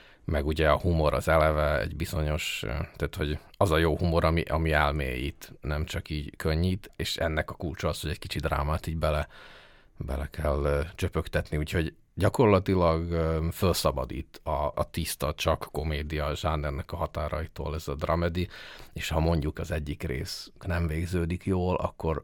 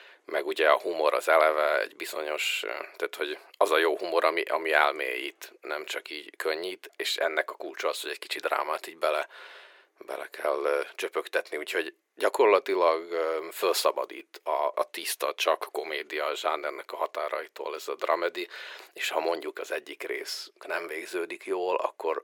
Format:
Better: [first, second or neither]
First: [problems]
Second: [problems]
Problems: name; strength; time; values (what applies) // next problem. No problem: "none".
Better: first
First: none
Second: thin; very; fading below 350 Hz